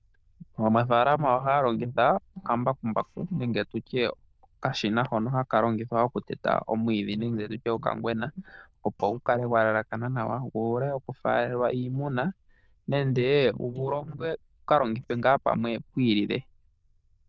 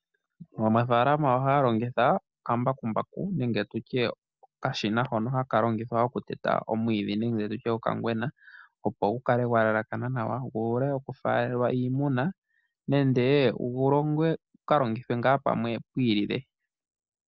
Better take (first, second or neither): second